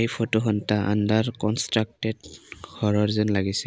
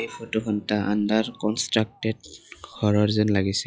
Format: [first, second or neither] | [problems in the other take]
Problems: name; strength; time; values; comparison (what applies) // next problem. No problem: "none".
first | noise reduction (classical method log-MMSE)